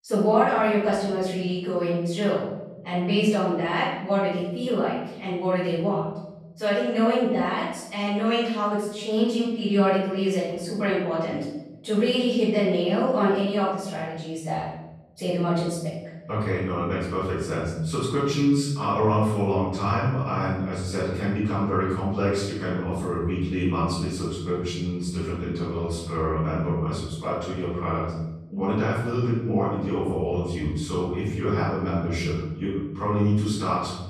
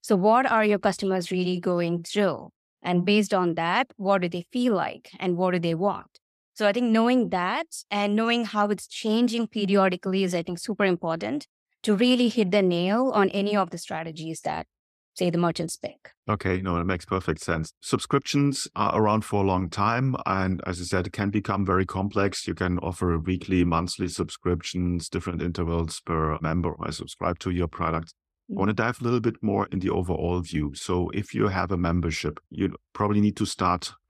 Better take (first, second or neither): second